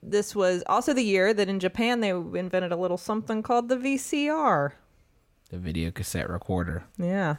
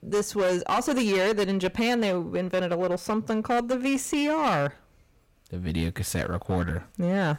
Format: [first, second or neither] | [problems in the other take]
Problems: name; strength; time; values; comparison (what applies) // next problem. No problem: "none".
first | distortion; slight; 13% of the sound clipped